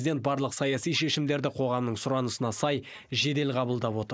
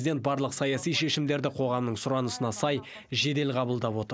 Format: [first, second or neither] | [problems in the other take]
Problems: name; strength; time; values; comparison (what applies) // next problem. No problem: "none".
second | noise reduction (neural mask model Resemble Enhance denoiser)